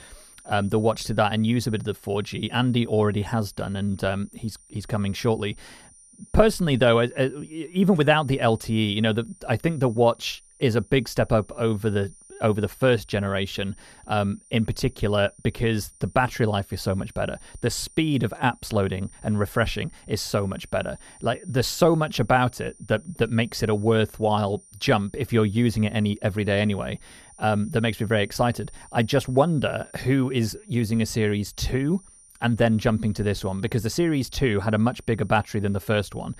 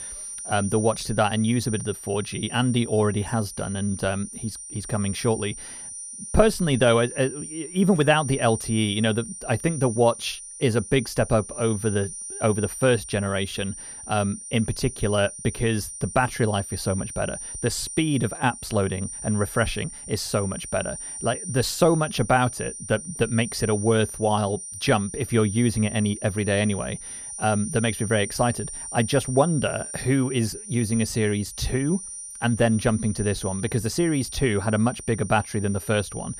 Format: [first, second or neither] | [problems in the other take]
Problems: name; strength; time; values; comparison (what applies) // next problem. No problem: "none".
first | high-pitched whine; loud; throughout; 9 kHz, 10 dB below the speech; faint in the first